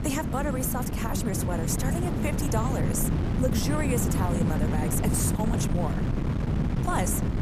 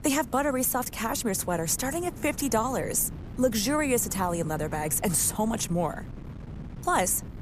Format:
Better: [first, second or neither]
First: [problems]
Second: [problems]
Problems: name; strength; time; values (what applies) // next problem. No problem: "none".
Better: second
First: wind noise on the microphone; heavy; 3 dB below the speech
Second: wind noise on the microphone; occasional gusts; 20 dB below the speech